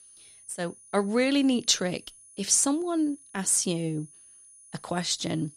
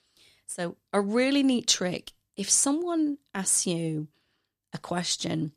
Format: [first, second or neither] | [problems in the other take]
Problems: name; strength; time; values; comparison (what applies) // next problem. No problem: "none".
second | high-pitched whine; faint; throughout; 10 kHz, 25 dB below the speech